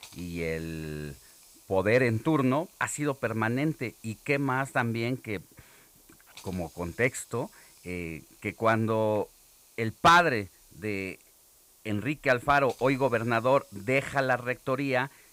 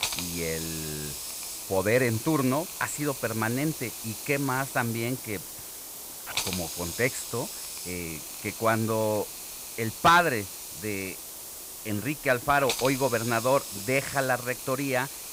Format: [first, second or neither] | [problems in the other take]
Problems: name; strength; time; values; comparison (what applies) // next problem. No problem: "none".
first | hiss; loud; throughout; 7 dB below the speech; faint in the first